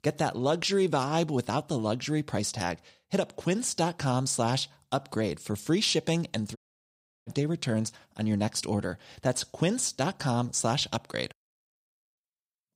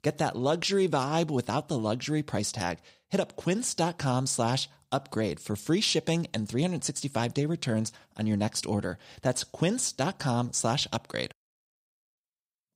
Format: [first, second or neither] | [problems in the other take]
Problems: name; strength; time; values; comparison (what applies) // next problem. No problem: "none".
second | audio cutting out; at 6.5 s for 0.5 s